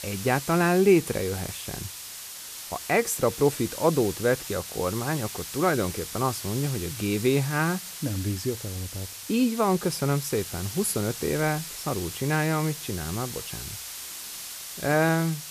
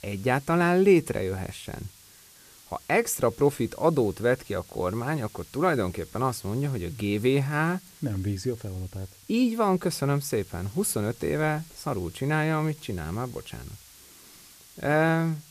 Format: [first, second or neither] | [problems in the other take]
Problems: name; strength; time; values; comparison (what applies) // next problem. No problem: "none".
second | hiss; loud; throughout; 9 dB below the speech; faint in the second